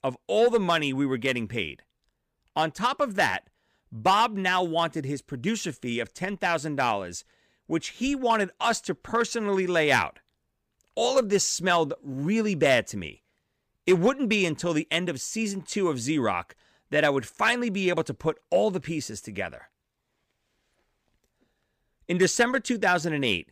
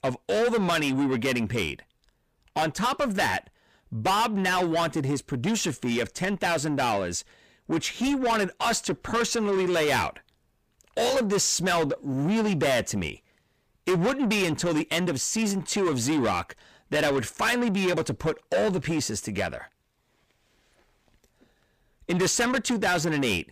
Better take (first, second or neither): first